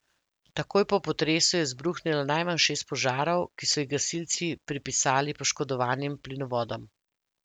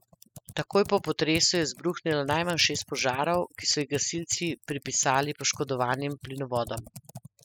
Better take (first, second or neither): first